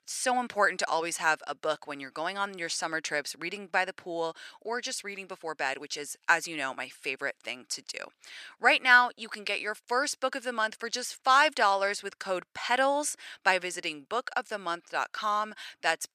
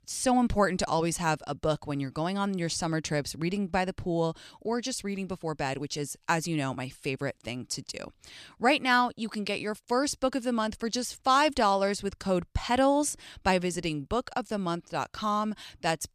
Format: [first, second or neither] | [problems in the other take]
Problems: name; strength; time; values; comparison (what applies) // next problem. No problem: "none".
second | thin; very; fading below 500 Hz